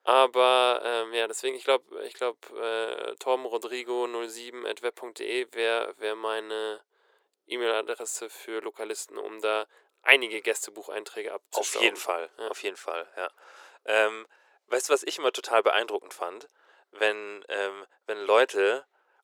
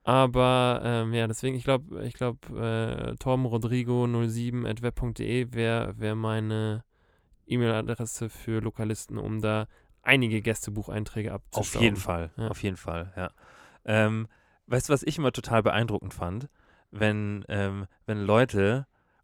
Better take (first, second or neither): second